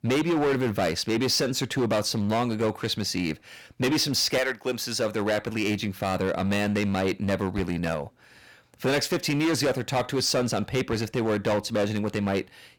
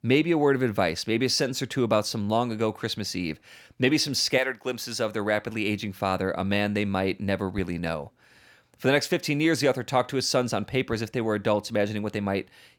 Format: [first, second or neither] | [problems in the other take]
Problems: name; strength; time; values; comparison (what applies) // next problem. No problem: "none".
second | distortion; heavy; 14% of the sound clipped